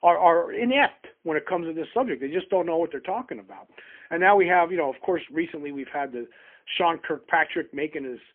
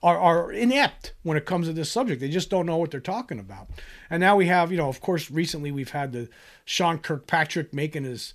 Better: second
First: phone-call audio; poor line; nothing above 3 kHz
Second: none

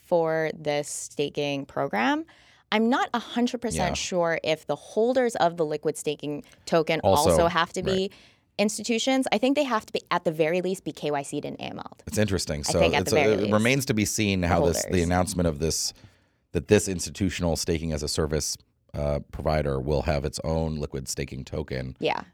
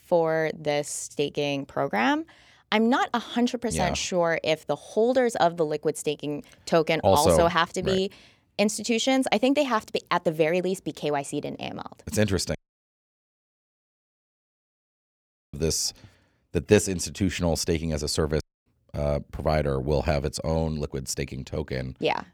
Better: first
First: none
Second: audio cutting out; at 13 s for 3 s and at 18 s

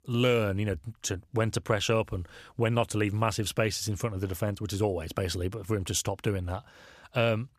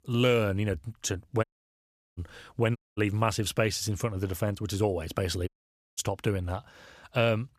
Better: first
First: none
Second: audio cutting out; at 1.5 s for 0.5 s, at 3 s and at 5.5 s

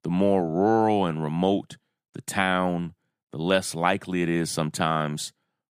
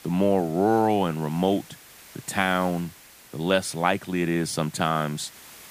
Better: first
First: none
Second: hiss; faint; throughout; 20 dB below the speech

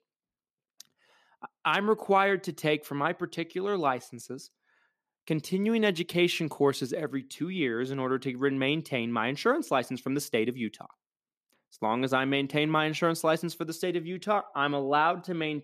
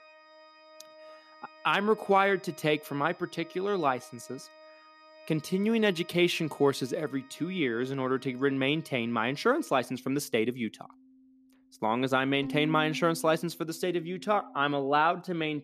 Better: first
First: none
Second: background music; noticeable; throughout; 20 dB below the speech

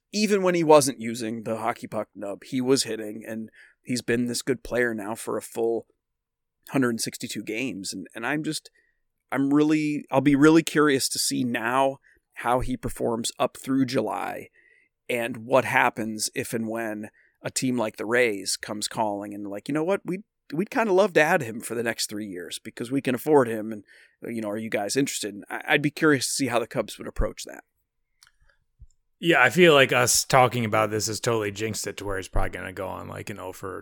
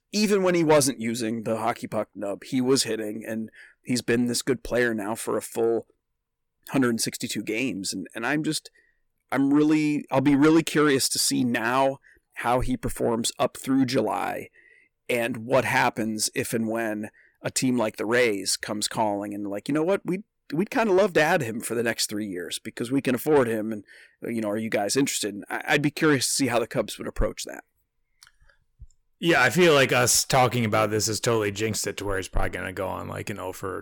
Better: first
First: none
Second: distortion; slight; 10 dB below the speech

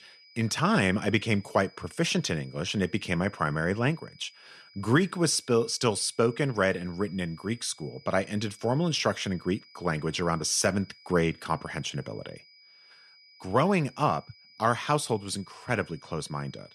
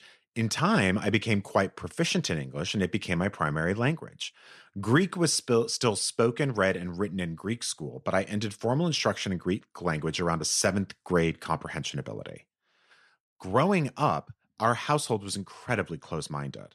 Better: second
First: high-pitched whine; faint; throughout; 5 kHz, 25 dB below the speech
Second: none

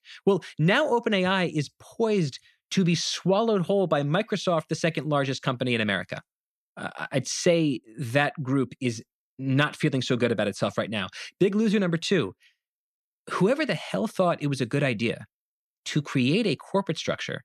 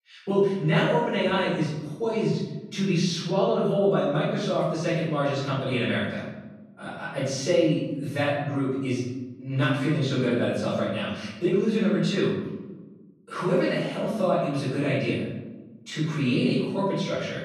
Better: first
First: none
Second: off-mic speech; far // room echo; noticeable; dies away in 1 s

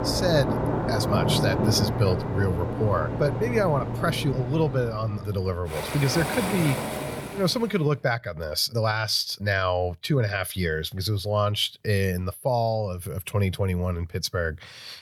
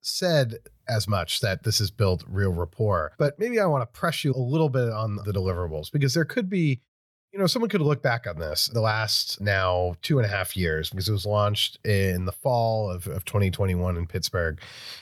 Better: second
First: rain or running water; loud; until 7.5 s; 3 dB below the speech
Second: none

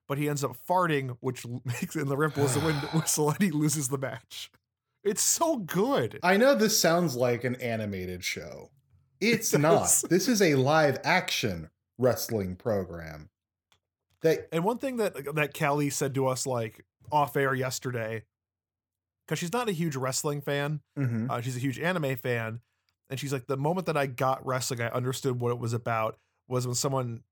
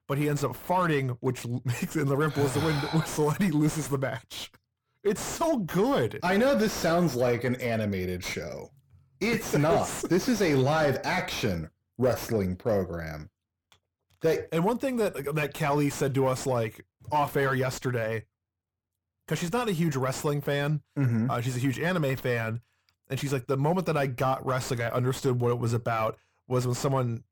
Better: first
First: none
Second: distortion; heavy; 7 dB below the speech

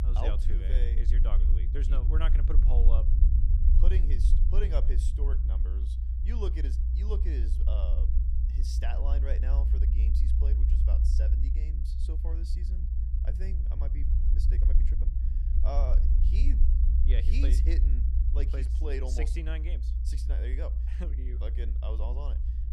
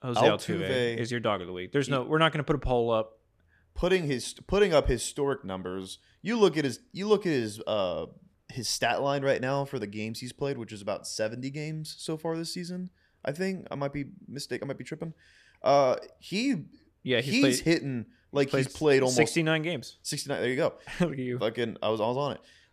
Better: second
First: low rumble; loud; throughout; 4 dB below the speech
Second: none

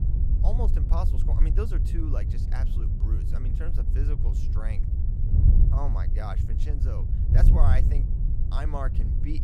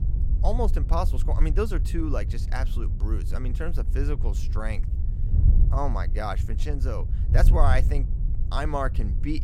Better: second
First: wind noise on the microphone; heavy; 3 dB below the speech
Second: wind noise on the microphone; occasional gusts; 10 dB below the speech

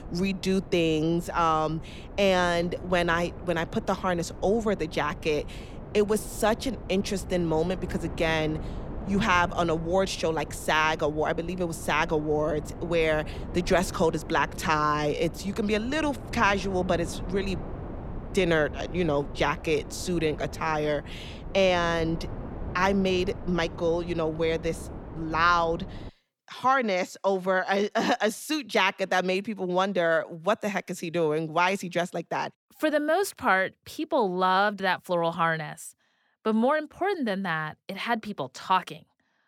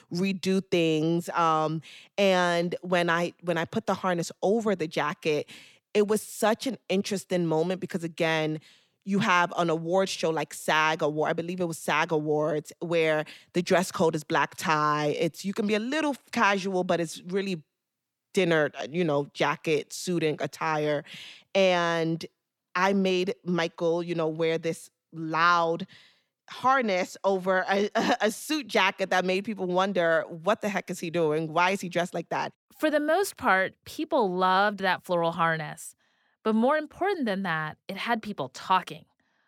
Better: second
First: wind noise on the microphone; occasional gusts; until 26 s; 20 dB below the speech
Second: none

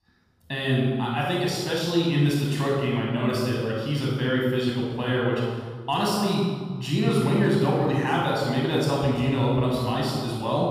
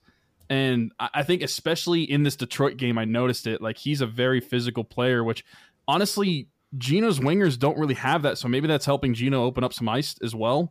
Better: second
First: off-mic speech; far // room echo; strong; dies away in 1.4 s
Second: none

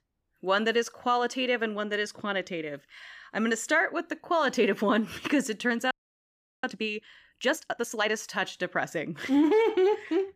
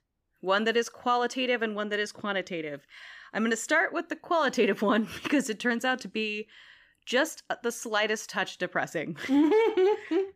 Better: second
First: audio freezing; at 6 s for 0.5 s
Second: none

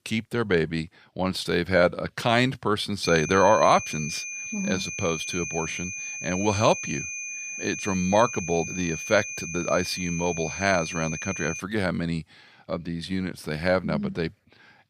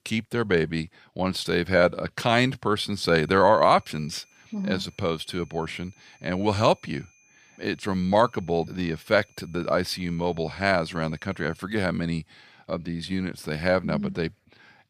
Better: second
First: high-pitched whine; loud; from 3 to 12 s; 2.5 kHz, 6 dB below the speech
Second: high-pitched whine; faint; from 3 to 12 s; 2.5 kHz, 35 dB below the speech

